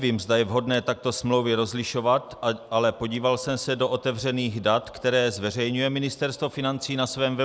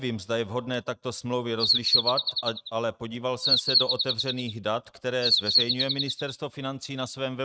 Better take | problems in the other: first | noise reduction (neural mask model RNNoise)

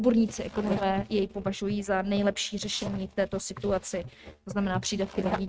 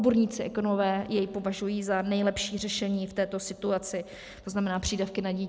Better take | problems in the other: second | noise reduction (neural mask model RNNoise)

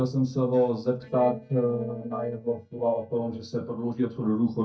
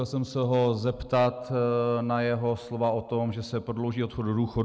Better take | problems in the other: second | noise reduction (neural mask model DeepFilterNet 3)

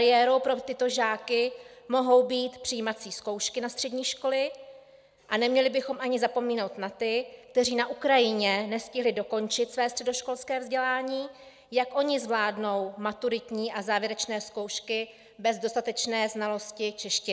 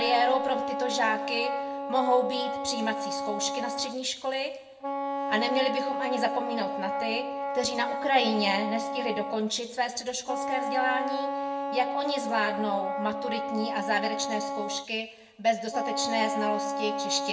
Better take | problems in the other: first | background sound (Wind instrument, woodwind instrument); 3 dB below the speech // room echo; dies away in 0.6 s

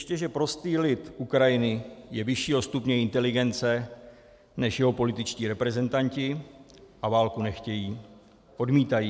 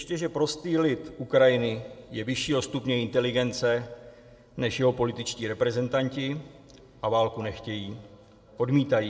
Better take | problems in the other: first | room echo; dies away in 0.6 s

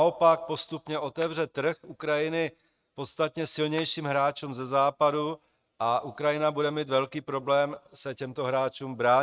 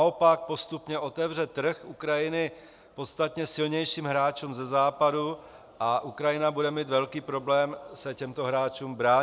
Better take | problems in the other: second | noise reduction (neural mask model RNNoise)

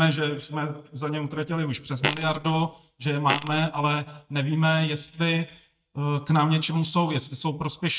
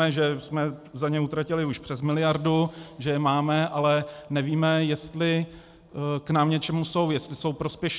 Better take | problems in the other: second | noise reduction (neural mask model DeepFilterNet 3)

